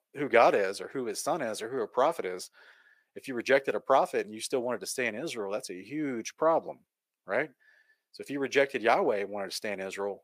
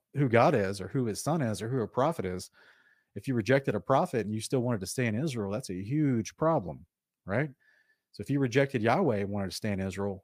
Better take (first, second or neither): second